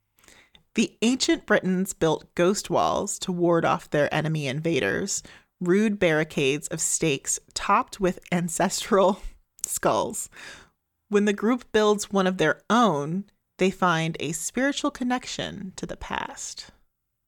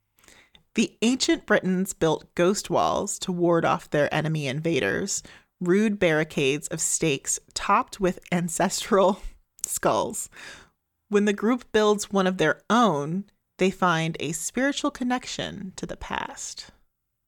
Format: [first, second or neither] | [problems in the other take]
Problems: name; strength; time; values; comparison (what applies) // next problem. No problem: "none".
neither | none